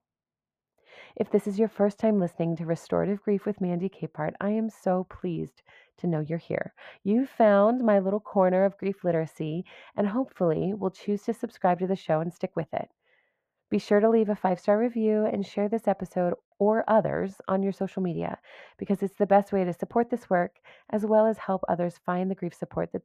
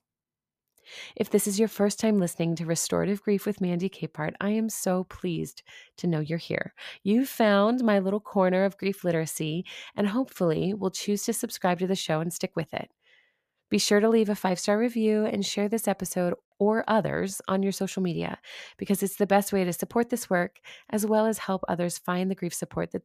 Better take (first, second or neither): second